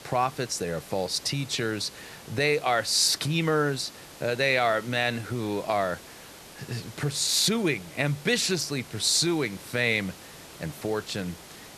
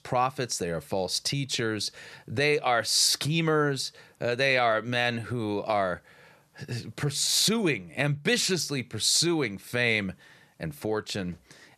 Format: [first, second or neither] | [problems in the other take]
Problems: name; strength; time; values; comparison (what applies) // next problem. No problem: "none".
second | hiss; noticeable; throughout; 20 dB below the speech